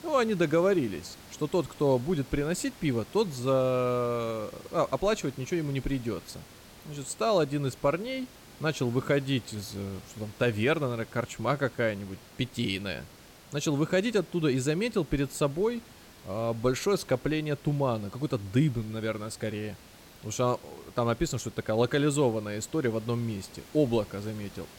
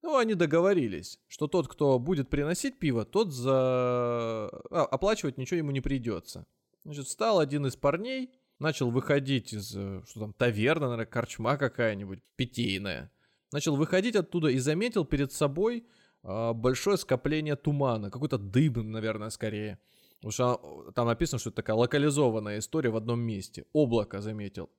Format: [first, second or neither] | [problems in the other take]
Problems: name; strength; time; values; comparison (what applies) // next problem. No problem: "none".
second | hiss; faint; throughout; 20 dB below the speech